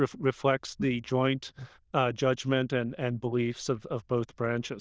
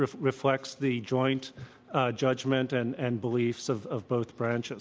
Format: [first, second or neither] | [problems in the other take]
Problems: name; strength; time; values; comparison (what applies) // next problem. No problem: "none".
second | noise reduction (neural diffusion model UNIVERSE++)